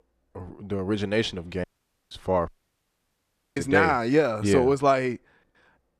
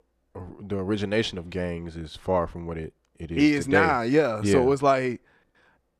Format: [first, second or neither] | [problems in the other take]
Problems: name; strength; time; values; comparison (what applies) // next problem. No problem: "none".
second | audio cutting out; at 1.5 s and at 2.5 s for 1 s